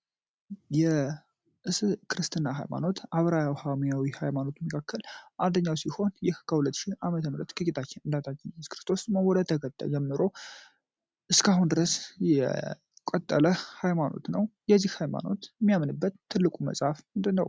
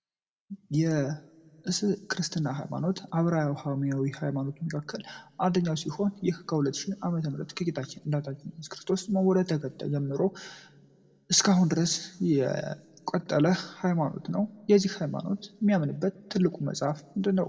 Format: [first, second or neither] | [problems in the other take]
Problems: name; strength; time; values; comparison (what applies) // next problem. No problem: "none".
first | room echo; dies away in 1.5 s